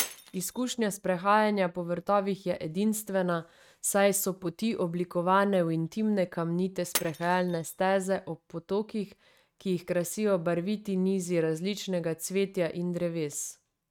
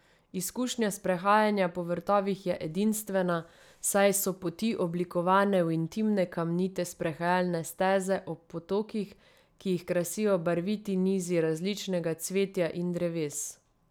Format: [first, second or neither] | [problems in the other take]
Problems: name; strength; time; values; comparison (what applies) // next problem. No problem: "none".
second | noise reduction (neural mask model RNNoise)